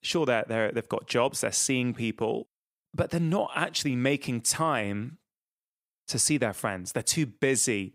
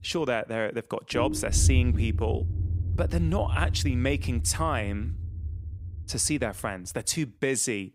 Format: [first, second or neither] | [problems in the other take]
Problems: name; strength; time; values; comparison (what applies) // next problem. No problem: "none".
first | low rumble; noticeable; throughout; 15 dB below the speech